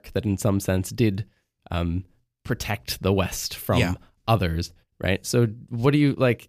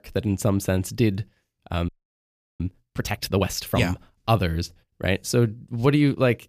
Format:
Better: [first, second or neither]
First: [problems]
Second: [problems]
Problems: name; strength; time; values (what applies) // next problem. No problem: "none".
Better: first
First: none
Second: audio freezing; at 2 s for 0.5 s